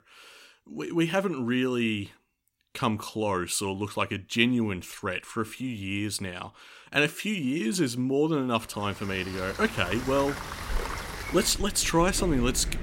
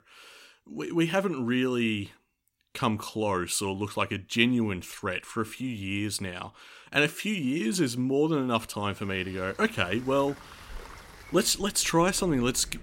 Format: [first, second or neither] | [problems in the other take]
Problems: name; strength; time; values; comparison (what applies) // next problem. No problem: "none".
second | rain or running water; loud; from 9.5 s on; 9 dB below the speech; faint in the second